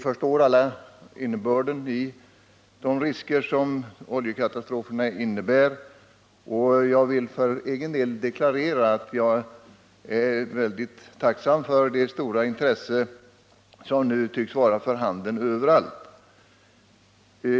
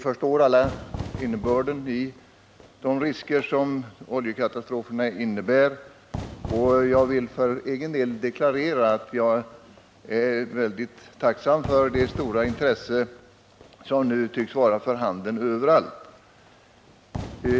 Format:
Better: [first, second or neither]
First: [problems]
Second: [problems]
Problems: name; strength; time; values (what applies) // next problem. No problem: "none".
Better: first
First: none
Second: background sound (Fire / Fireworks); 16 dB below the speech